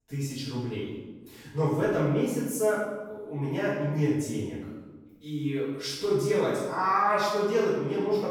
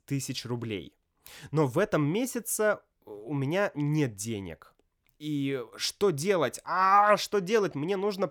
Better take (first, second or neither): second